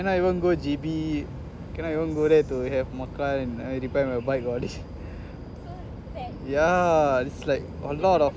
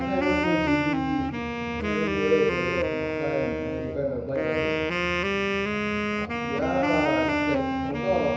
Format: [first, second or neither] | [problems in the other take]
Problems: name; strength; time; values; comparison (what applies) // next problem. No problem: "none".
first | background sound (Wind instrument, woodwind instrument); 2 dB above the speech // room echo; dies away in 1 s